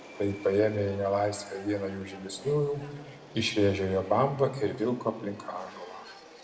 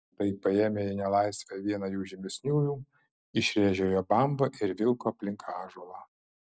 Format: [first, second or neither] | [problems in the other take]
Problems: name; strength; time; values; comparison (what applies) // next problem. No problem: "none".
second | background sound (Subway, metro, underground); 19 dB below the speech // room echo; dies away in 1.1 s